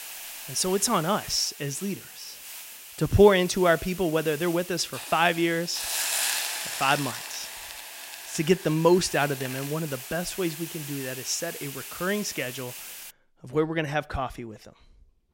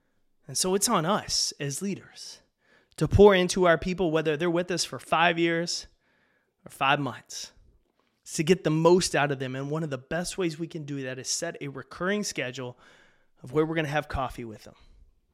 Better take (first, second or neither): second